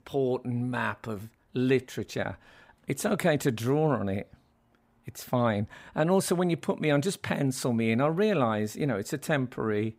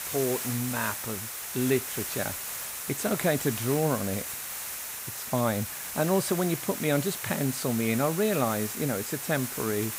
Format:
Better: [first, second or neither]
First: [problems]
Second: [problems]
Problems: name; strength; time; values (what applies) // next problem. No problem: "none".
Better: first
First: none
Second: hiss; loud; throughout; 4 dB below the speech